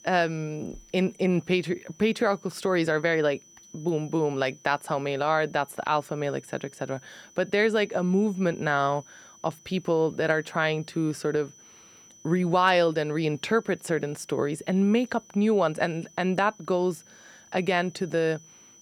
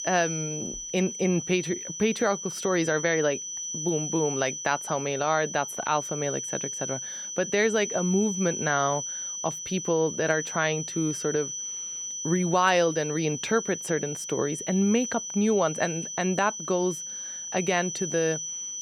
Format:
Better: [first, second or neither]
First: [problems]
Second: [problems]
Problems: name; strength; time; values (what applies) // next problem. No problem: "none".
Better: first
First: high-pitched whine; faint; throughout; 6 kHz, 25 dB below the speech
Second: high-pitched whine; loud; throughout; 6 kHz, 5 dB below the speech